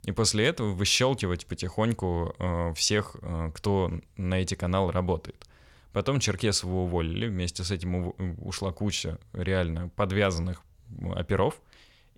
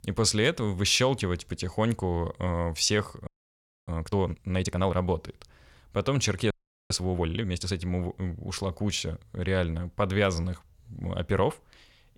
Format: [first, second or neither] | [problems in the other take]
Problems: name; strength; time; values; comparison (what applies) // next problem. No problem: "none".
first | audio freezing; at 3.5 s for 0.5 s and at 6.5 s